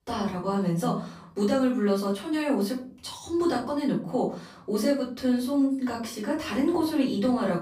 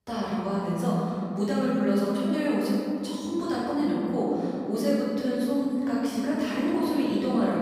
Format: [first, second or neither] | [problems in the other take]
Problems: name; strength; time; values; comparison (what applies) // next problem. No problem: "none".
first | room echo; strong; dies away in 3 s; slight in the first // off-mic speech; far; far in the first